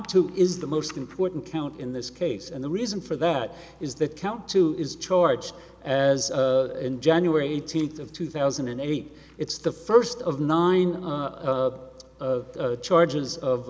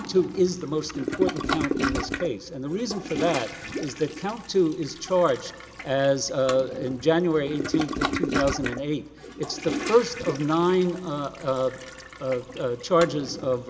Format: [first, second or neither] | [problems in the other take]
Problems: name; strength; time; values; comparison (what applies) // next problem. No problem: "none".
first | background sound (Toilet flush); 7 dB below the speech